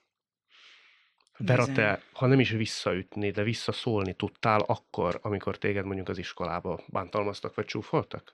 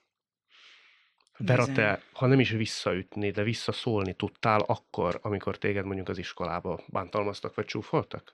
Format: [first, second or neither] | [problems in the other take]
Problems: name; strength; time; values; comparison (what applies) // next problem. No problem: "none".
neither | none